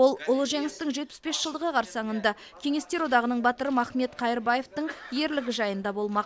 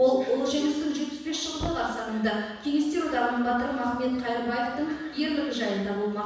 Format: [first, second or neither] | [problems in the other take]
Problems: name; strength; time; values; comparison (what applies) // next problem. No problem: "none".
first | background sound (Knock); 19 dB below the speech // room echo; dies away in 1.1 s